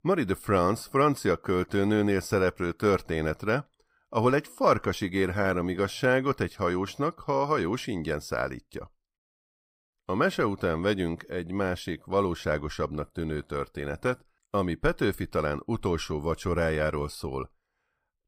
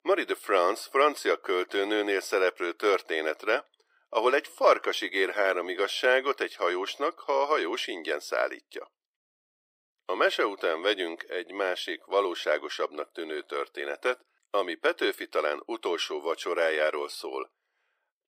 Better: first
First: none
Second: thin; very; fading below 350 Hz

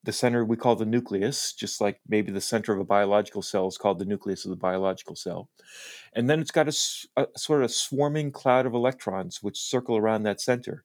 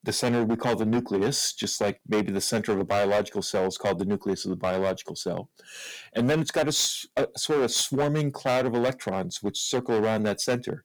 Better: first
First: none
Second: distortion; heavy; 10% of the sound clipped

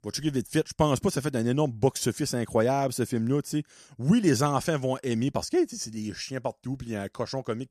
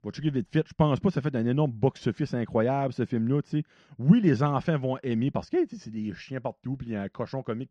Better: first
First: none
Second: muffled; slightly; fading above 3.5 kHz

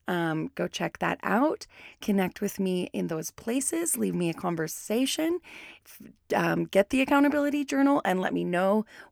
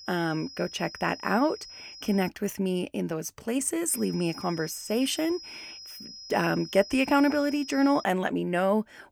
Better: first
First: none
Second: high-pitched whine; noticeable; until 2.5 s and from 4 to 8 s; 5 kHz, 15 dB below the speech

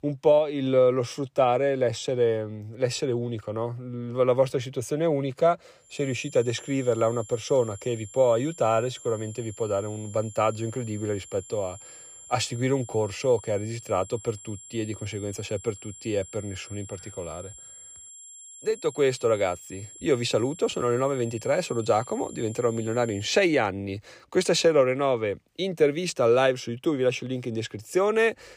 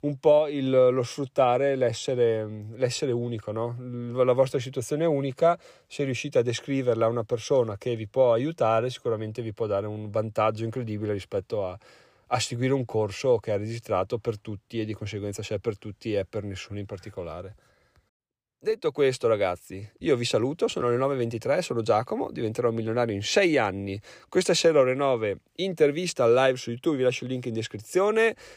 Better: second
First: high-pitched whine; noticeable; from 6 to 23 s; 7.5 kHz, 15 dB below the speech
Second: none

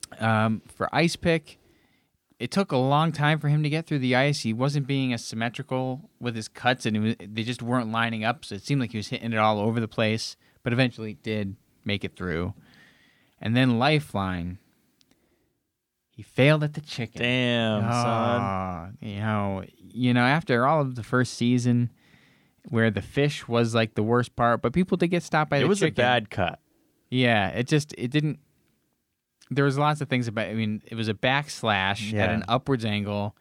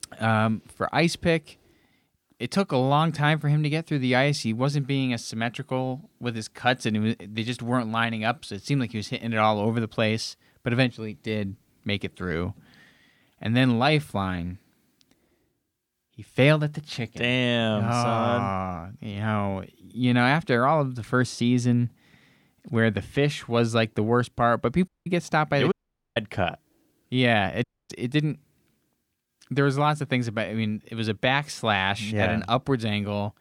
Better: first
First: none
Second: audio cutting out; at 25 s, at 26 s and at 28 s

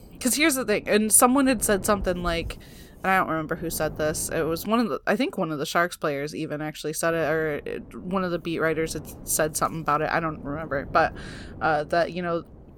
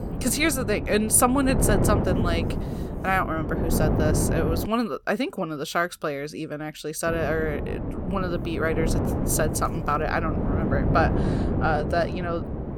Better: first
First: wind noise on the microphone; occasional gusts; until 4.5 s and from 7 s on; 25 dB below the speech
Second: wind noise on the microphone; heavy; until 4.5 s and from 7 s on; 6 dB below the speech

